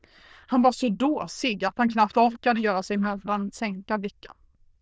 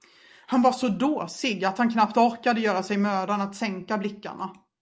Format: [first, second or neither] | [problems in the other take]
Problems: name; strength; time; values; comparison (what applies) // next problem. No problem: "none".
second | noise reduction (neural diffusion model UNIVERSE++)